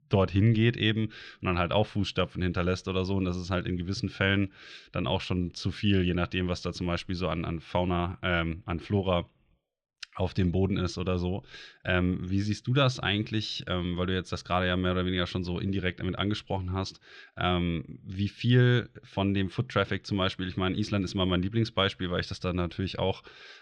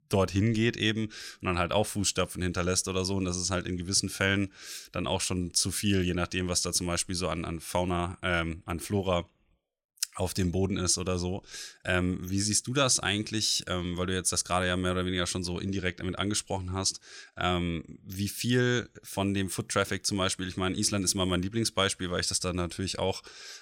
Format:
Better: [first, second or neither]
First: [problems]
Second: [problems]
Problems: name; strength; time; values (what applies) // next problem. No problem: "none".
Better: second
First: muffled; slightly; fading above 3.5 kHz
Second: none